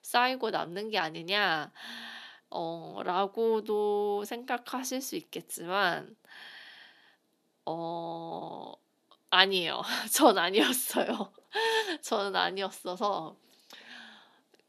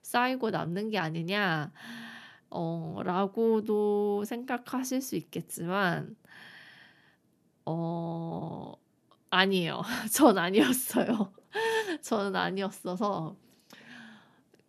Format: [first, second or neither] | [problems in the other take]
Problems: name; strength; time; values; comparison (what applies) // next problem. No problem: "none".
second | thin; somewhat; fading below 350 Hz